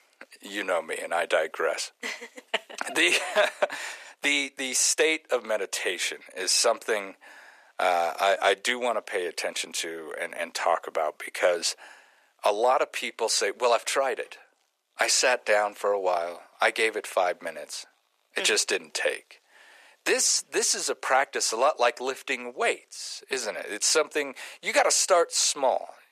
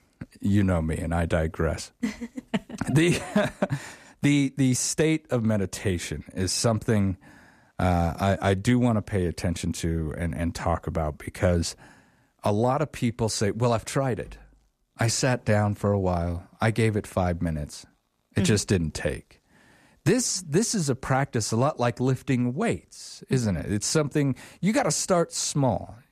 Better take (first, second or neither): second